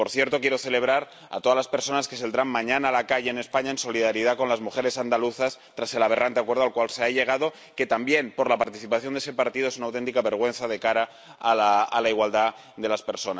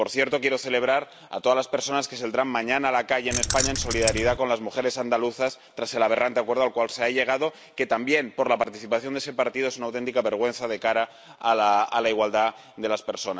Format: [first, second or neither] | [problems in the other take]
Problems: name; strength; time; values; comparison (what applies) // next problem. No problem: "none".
first | background sound (Keys jangling); 2 dB below the speech